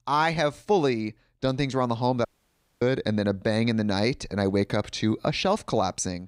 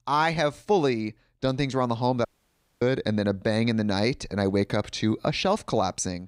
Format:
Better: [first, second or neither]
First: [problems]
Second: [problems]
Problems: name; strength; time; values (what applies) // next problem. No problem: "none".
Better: neither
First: audio cutting out; at 2.5 s for 0.5 s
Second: audio cutting out; at 2.5 s for 0.5 s